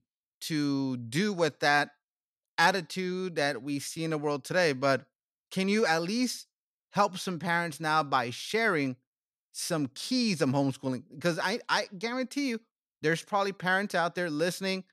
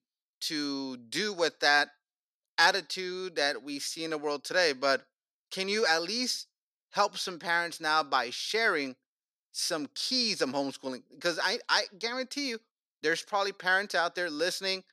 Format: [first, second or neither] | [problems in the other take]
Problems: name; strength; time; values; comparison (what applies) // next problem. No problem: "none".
first | thin; somewhat; fading below 400 Hz